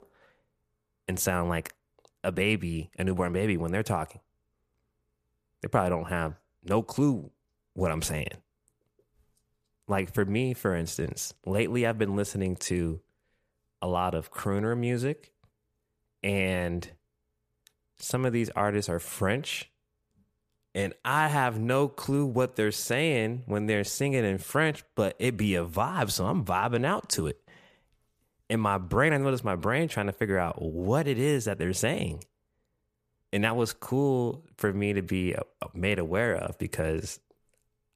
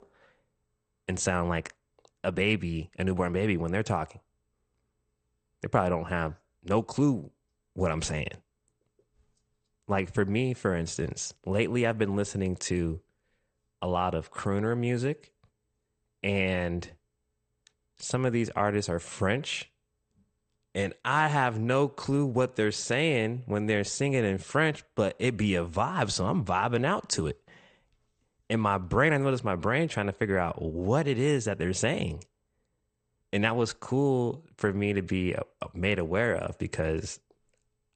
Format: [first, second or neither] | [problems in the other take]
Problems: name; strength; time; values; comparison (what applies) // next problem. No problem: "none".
first | garbled, watery; slightly; nothing above 8.5 kHz